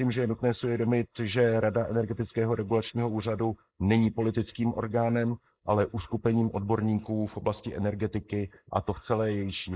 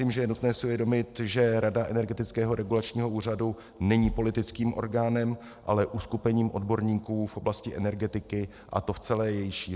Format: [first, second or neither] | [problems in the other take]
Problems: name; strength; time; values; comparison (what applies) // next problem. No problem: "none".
second | noise reduction (neural mask model Resemble Enhance denoiser)